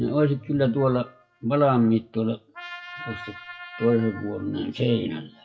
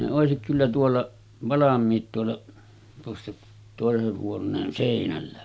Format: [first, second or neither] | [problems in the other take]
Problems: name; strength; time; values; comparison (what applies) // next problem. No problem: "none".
second | noise reduction (classical method WPE with log-MMSE)